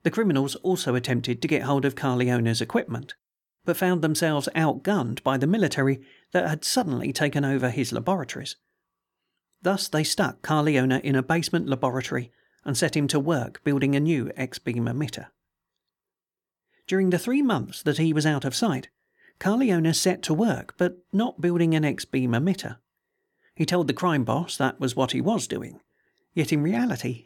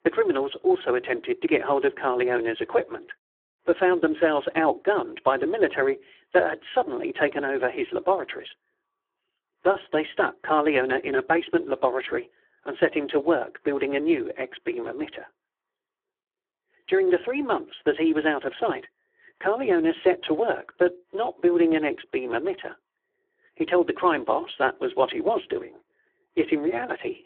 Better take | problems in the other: first | phone-call audio; poor line

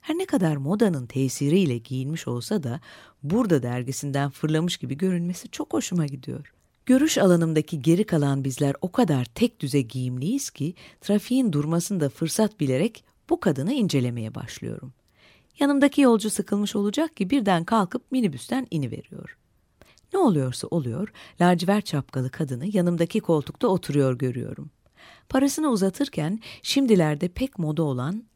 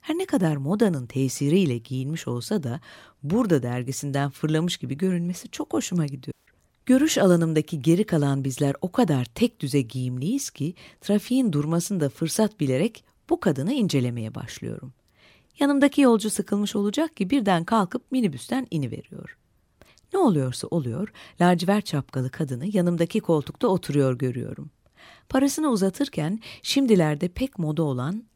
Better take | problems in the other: first | audio cutting out; at 6.5 s

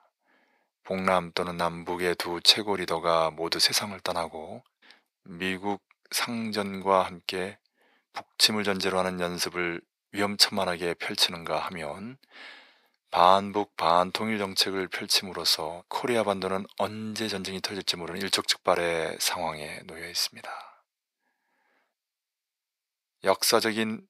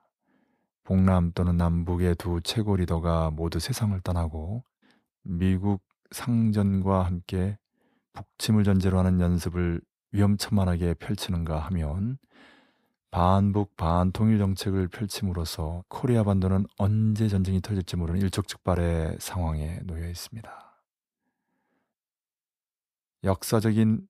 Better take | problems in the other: second | thin; very; fading below 500 Hz

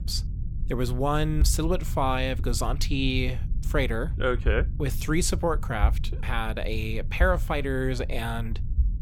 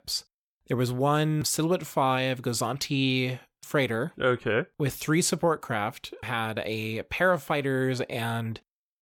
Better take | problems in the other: second | low rumble; noticeable; throughout; 20 dB below the speech

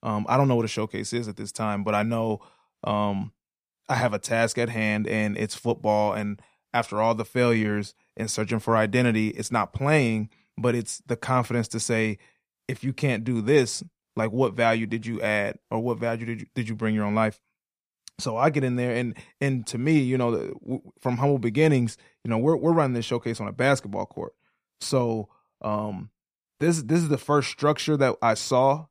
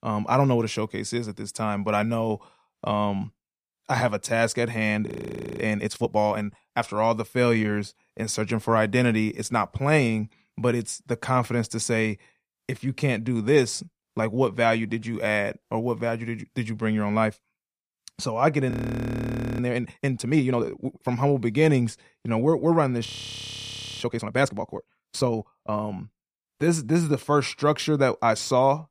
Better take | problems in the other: first | audio freezing; at 5 s for 0.5 s, at 19 s for 1 s and at 23 s for 1 s

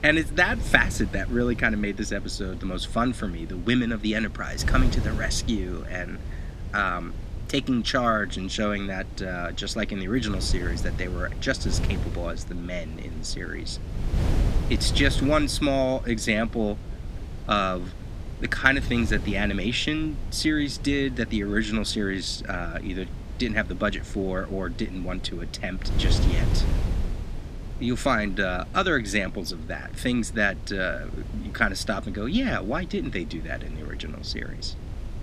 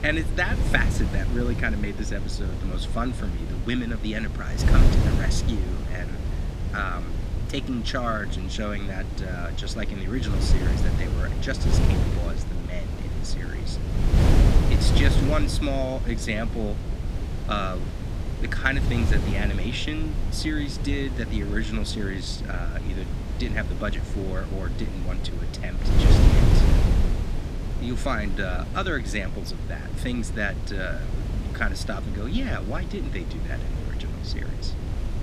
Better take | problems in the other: first | wind noise on the microphone; heavy; 5 dB below the speech; occasional gusts in the first

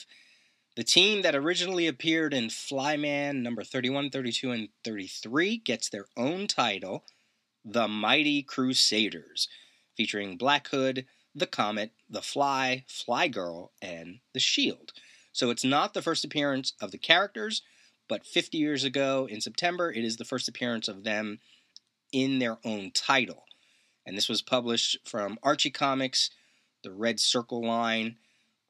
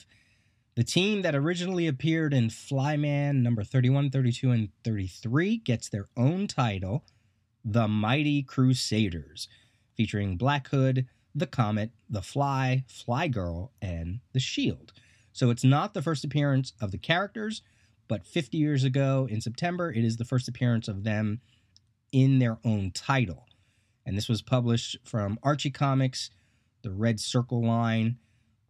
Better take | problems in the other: second | thin; somewhat; fading below 300 Hz

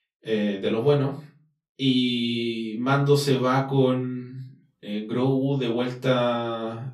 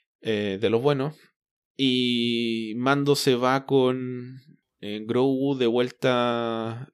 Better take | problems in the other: second | off-mic speech; far // room echo; very slight; dies away in 0.3 s

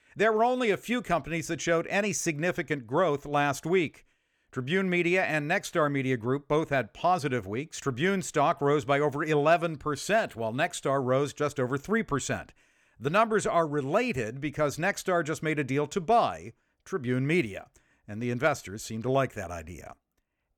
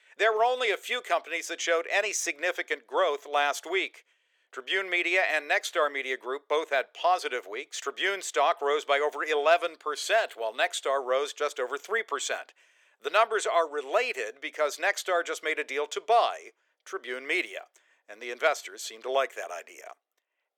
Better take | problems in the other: first | thin; very; fading below 400 Hz

